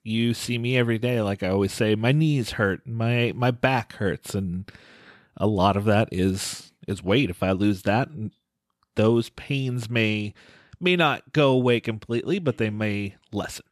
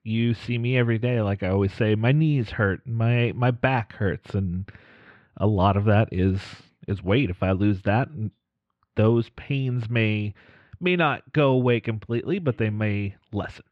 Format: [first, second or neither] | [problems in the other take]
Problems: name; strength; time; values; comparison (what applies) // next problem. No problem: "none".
first | muffled; slightly; fading above 2.5 kHz